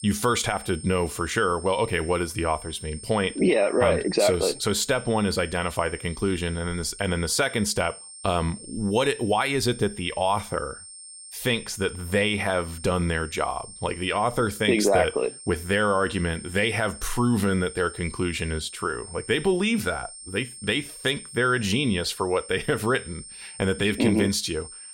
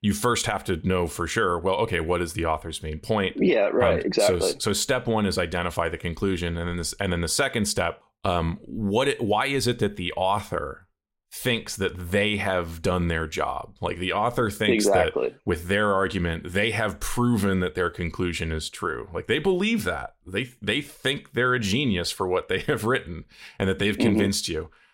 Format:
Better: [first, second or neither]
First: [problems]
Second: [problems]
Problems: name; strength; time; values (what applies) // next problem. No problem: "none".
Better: second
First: high-pitched whine; noticeable; throughout; 8.5 kHz, 15 dB below the speech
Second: none